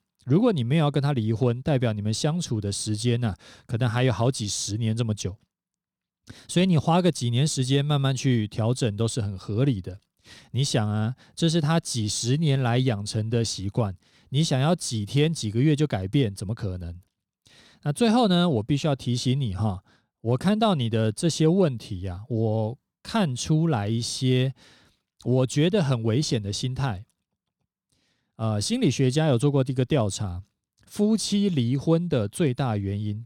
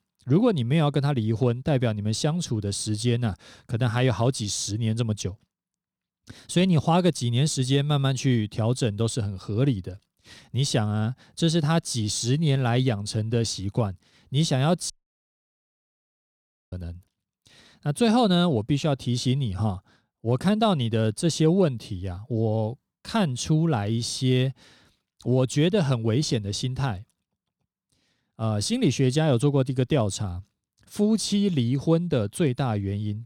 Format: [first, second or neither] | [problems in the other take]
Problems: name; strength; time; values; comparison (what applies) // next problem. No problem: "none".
first | audio cutting out; at 15 s for 2 s